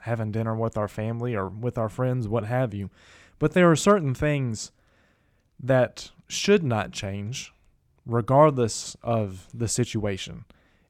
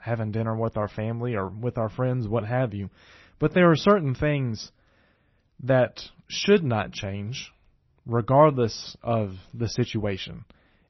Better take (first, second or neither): first